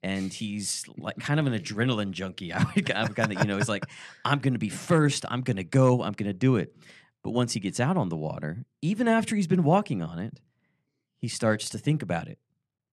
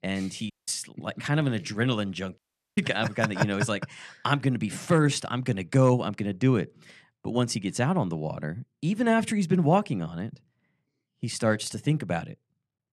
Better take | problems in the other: first | audio cutting out; at 0.5 s and at 2.5 s

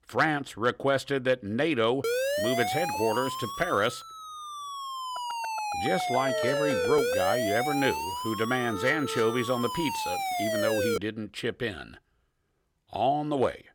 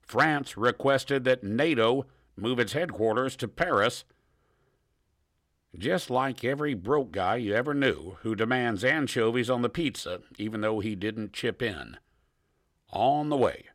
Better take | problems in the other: second | siren; loud; from 2 to 11 s; peak 2 dB above the speech

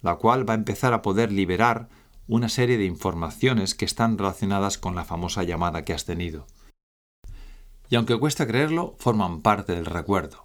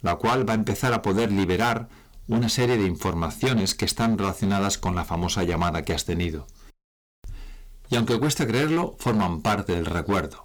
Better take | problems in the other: first | distortion; heavy; 12% of the sound clipped

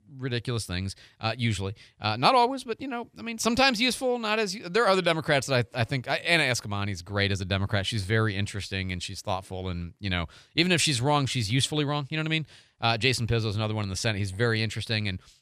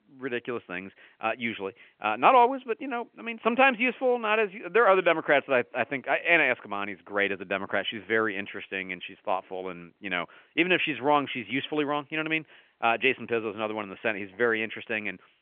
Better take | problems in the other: first | phone-call audio; nothing above 3 kHz

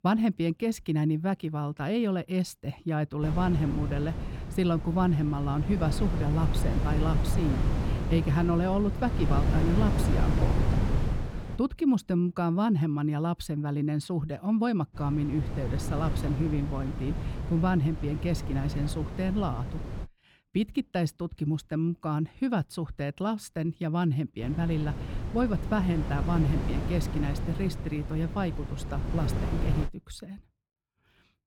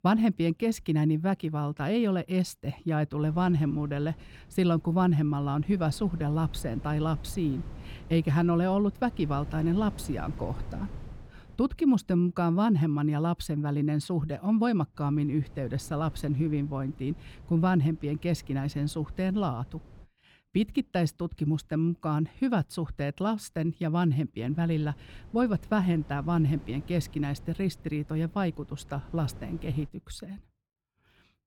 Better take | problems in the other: second | wind noise on the microphone; heavy; from 3 to 12 s, from 15 to 20 s and from 24 to 30 s; 6 dB below the speech; occasional gusts in the second

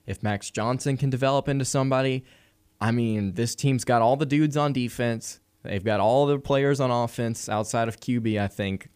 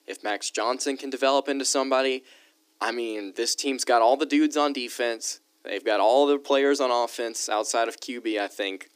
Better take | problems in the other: first | thin; somewhat; fading below 300 Hz

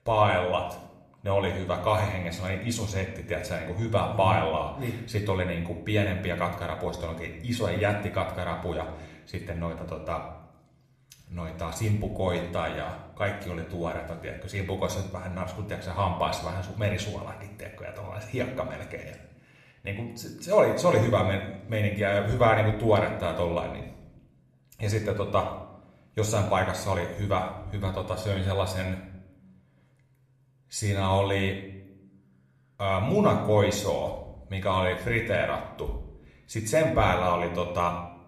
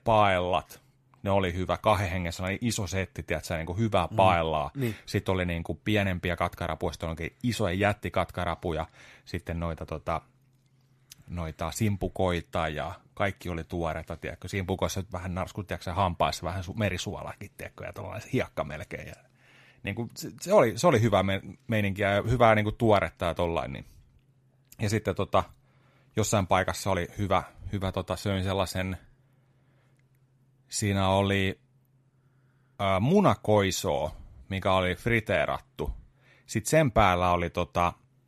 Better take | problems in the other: second | room echo; slight; dies away in 0.6 s

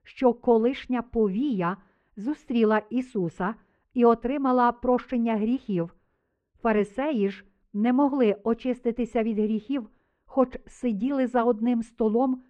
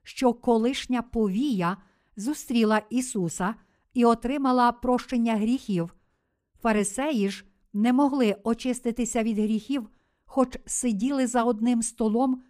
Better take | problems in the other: second | muffled; very; fading above 2 kHz

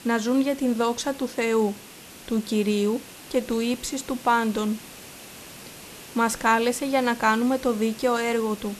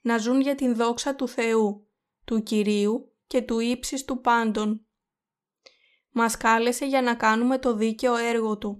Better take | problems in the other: second | hiss; noticeable; throughout; 15 dB below the speech

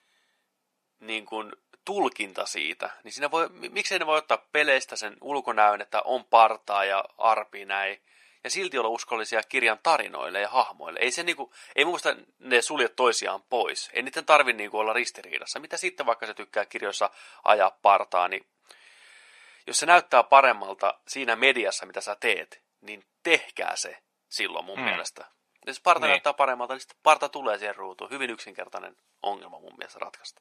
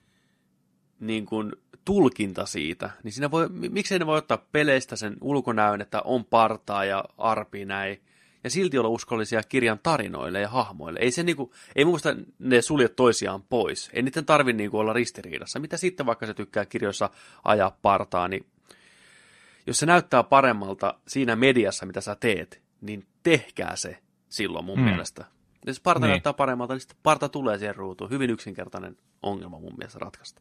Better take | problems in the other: second | thin; very; fading below 600 Hz

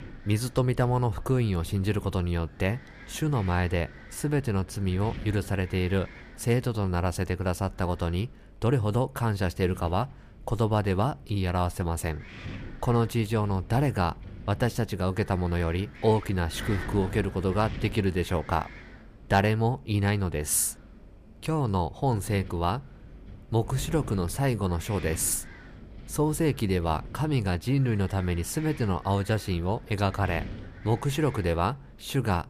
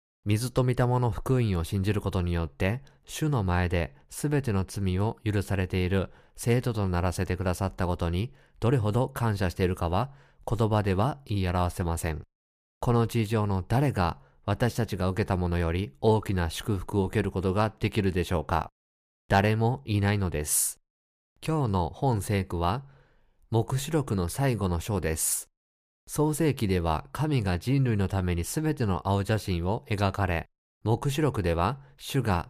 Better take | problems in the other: second | wind noise on the microphone; occasional gusts; 15 dB below the speech

